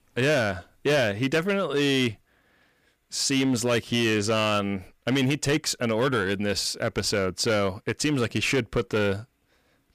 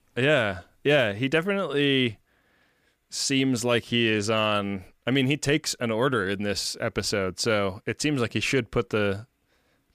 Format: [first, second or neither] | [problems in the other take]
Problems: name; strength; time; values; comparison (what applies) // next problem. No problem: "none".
second | distortion; slight; 8% of the sound clipped